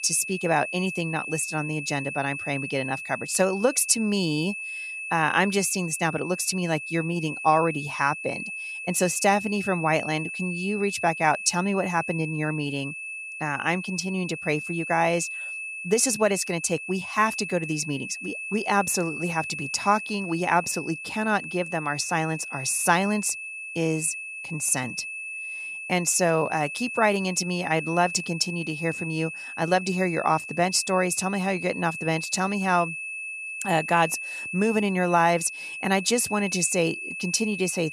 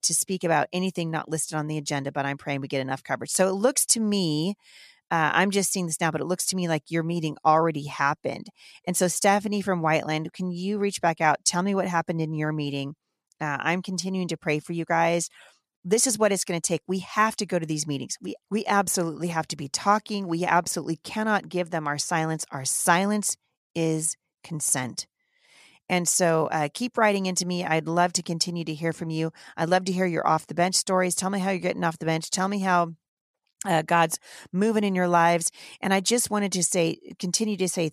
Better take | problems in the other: second | high-pitched whine; loud; throughout; 2.5 kHz, 7 dB below the speech

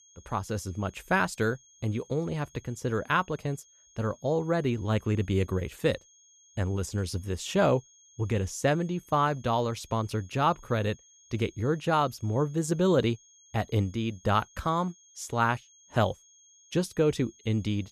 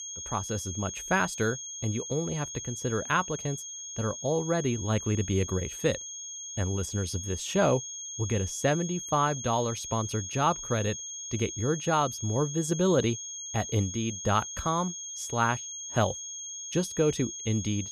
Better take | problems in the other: first | high-pitched whine; loud; throughout; 6.5 kHz, 7 dB below the speech; faint in the first

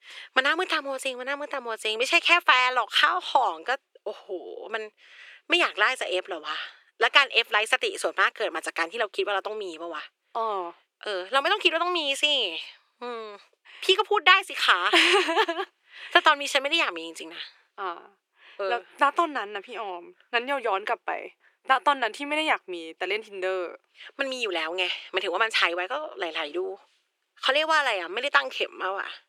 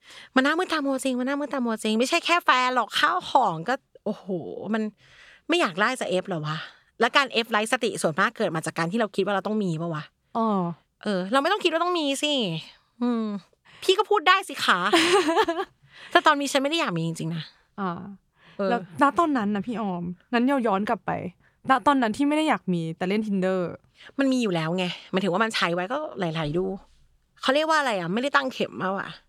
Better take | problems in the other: second | thin; very; fading below 350 Hz

